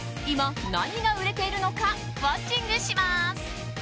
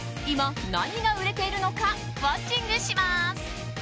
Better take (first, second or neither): second